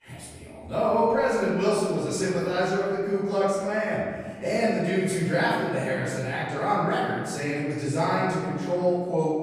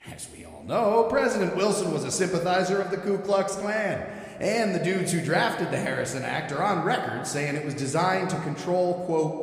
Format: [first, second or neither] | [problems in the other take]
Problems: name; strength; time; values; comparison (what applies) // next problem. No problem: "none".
second | room echo; strong; dies away in 1.8 s; slight in the second // off-mic speech; far